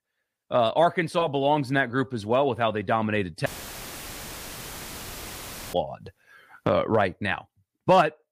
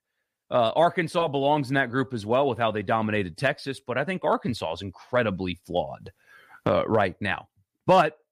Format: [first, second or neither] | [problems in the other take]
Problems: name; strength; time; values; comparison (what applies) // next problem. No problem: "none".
second | audio cutting out; filled with static; at 3.5 s for 2.5 s